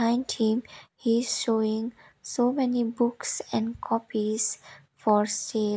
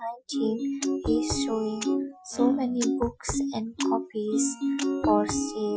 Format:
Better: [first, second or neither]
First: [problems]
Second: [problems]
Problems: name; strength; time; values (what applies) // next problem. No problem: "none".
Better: first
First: none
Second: noise reduction (classical method Wiener filter)